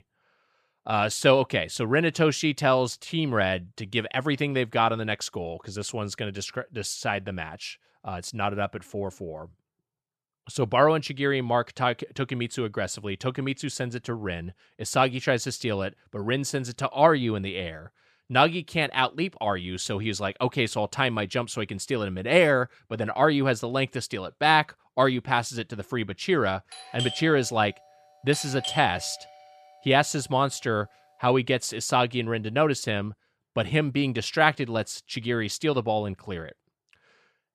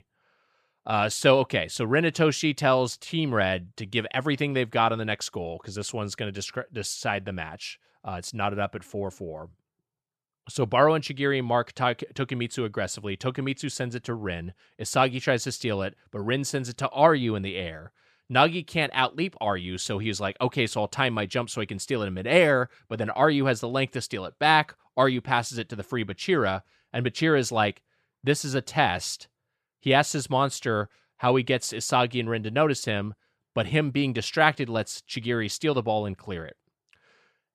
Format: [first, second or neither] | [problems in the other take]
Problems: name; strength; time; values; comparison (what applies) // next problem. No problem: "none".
second | doorbell; noticeable; from 27 to 29 s; peak 6 dB below the speech